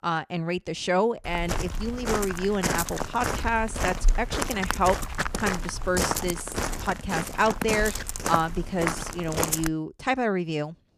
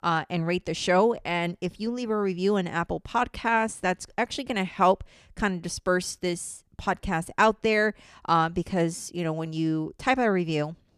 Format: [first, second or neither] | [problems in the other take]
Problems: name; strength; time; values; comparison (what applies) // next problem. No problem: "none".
second | footsteps; loud; from 1.5 to 9.5 s; peak 2 dB above the speech